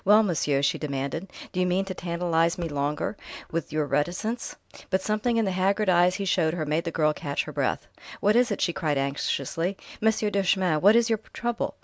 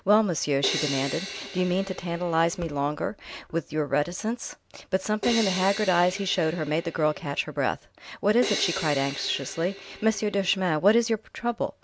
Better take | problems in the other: first | background sound (Crash cymbal); 9 dB below the speech

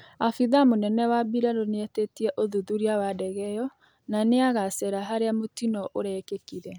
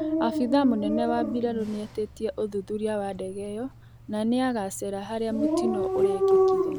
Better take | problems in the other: first | background sound (Dog); as loud as the speech

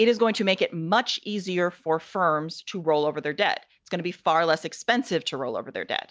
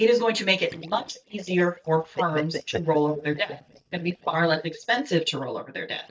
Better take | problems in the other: first | noise reduction (neural mask model DeepFilterNet 3)

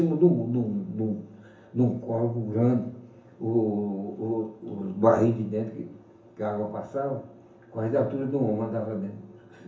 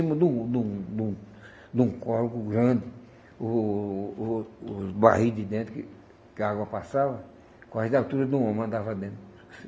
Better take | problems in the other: second | room echo; dies away in 0.7 s

